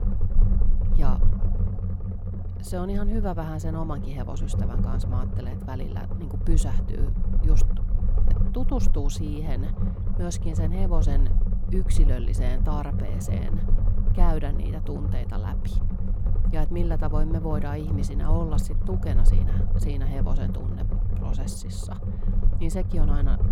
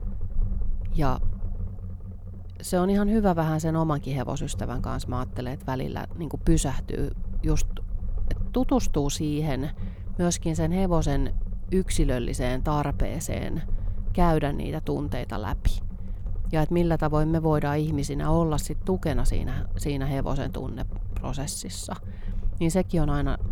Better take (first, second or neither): second